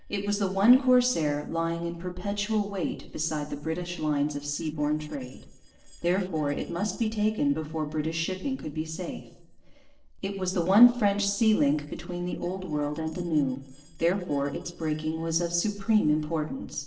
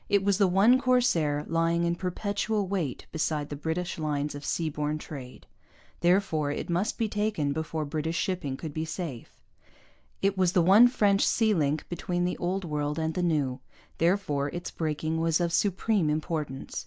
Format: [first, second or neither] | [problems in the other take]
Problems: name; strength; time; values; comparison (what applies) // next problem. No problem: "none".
second | noise reduction (neural separator model SepFormer DNS4)